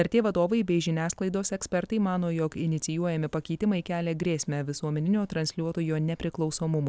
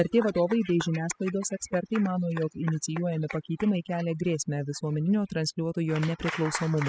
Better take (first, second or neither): first